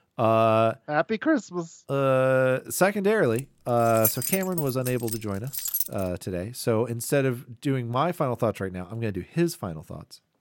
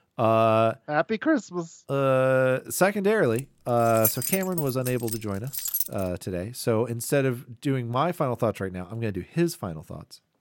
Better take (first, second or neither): neither